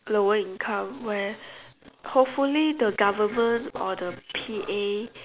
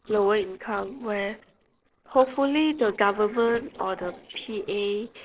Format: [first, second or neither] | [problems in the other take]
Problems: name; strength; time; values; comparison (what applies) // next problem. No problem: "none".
first | noise reduction (neural separator model SepFormer DNS4)